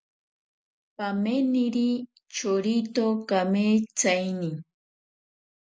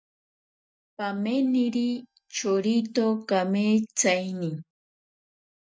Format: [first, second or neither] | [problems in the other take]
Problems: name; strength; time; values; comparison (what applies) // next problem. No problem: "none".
first | noise reduction (neural mask model DeepFilterNet 3)